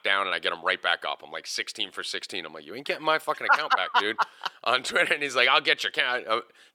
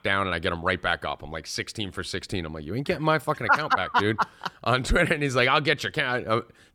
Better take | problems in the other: second | thin; very; fading below 500 Hz

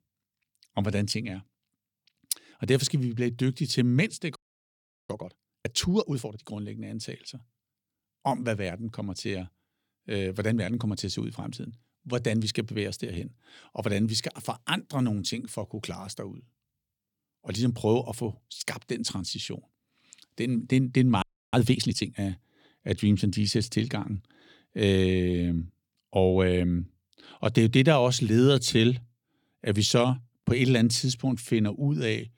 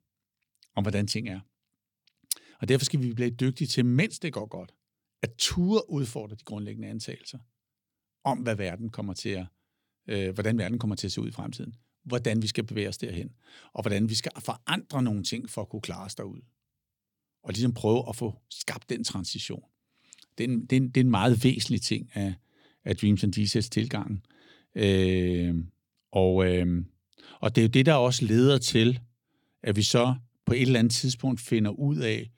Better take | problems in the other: second | audio freezing; at 4.5 s for 0.5 s and at 21 s

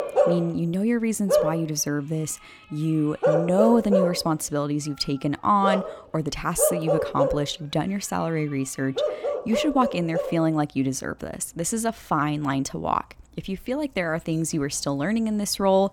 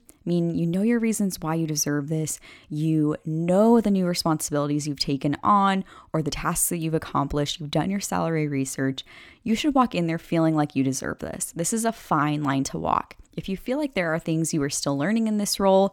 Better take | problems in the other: second | animal sounds; loud; throughout; 1 dB below the speech

